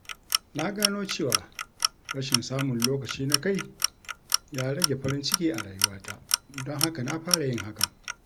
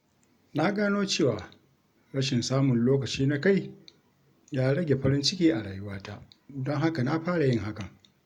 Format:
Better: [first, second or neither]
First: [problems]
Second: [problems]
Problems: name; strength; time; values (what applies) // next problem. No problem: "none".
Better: second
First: background sound (Clock); 1 dB above the speech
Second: none